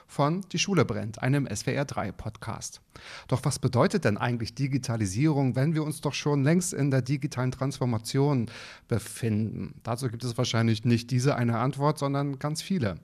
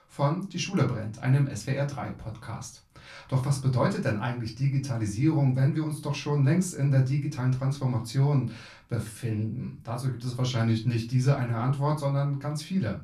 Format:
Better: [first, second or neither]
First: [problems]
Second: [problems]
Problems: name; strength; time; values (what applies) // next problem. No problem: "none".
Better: first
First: none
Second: off-mic speech; far // room echo; very slight; dies away in 0.2 s